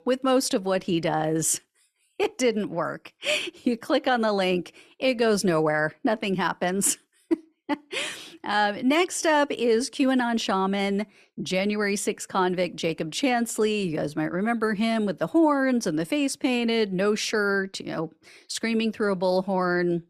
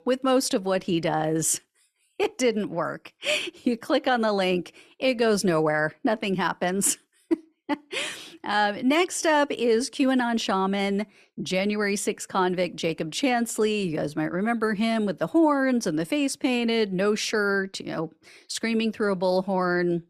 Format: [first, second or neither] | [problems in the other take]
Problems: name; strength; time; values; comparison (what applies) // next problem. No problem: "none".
neither | none